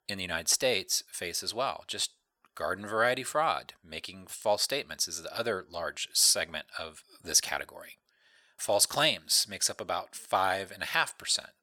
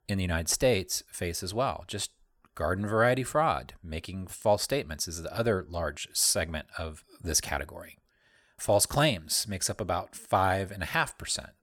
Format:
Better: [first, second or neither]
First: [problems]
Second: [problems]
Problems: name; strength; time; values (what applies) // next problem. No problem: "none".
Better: second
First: thin; somewhat; fading below 650 Hz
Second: none